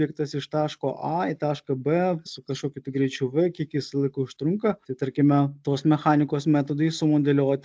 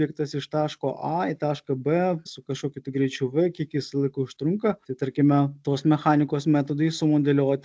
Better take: second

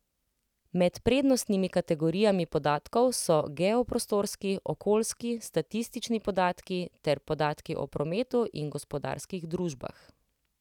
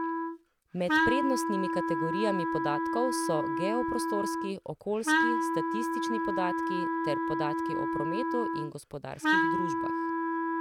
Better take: first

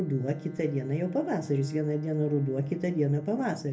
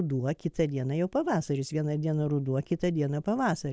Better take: second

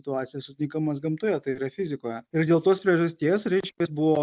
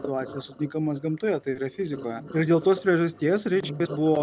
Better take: first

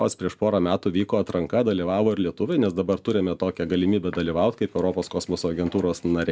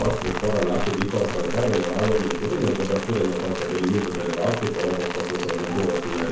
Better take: first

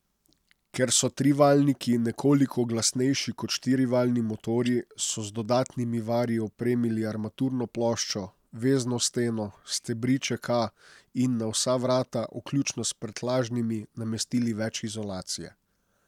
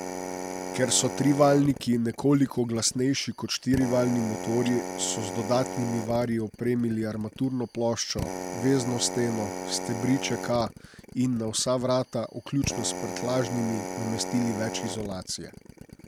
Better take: first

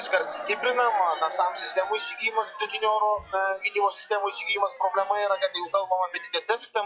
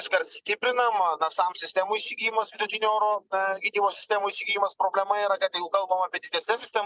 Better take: second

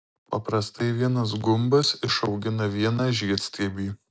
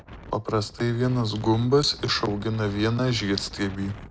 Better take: first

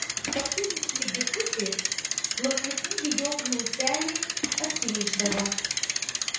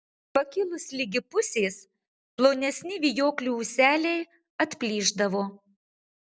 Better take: second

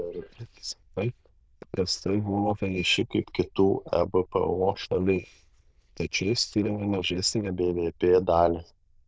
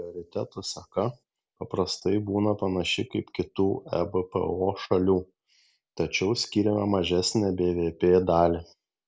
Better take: second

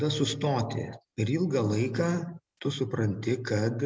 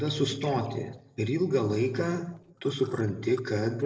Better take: first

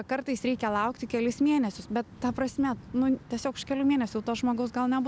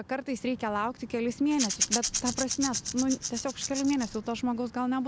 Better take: first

